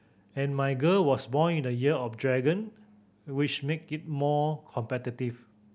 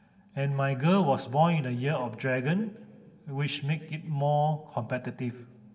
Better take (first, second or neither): first